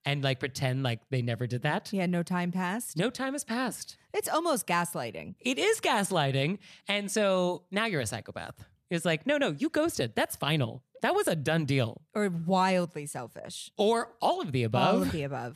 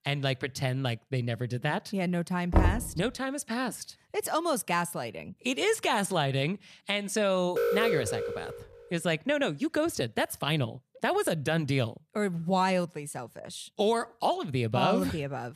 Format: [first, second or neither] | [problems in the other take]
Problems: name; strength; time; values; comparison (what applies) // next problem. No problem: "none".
first | door banging; loud; at 2.5 s; peak 3 dB above the speech // alarm; loud; from 7.5 to 8.5 s; peak 2 dB above the speech